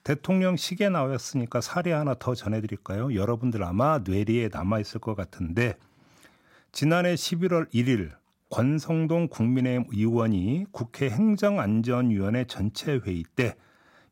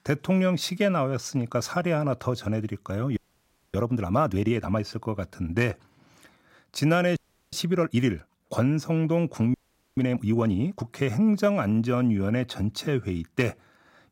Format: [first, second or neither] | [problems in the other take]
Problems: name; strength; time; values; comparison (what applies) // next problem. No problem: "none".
first | audio freezing; at 3 s for 0.5 s, at 7 s and at 9.5 s